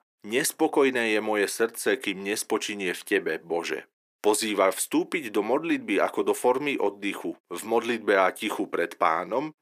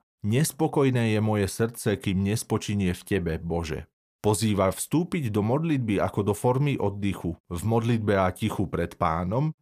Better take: second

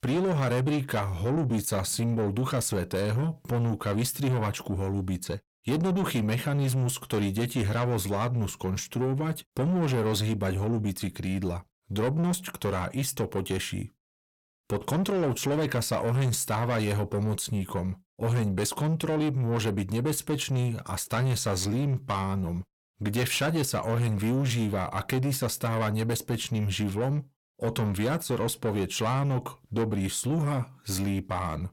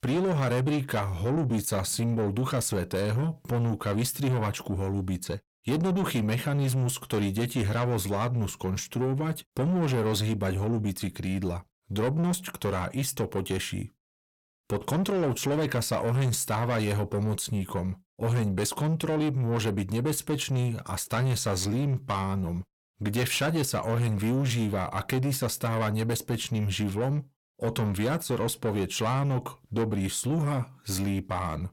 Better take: neither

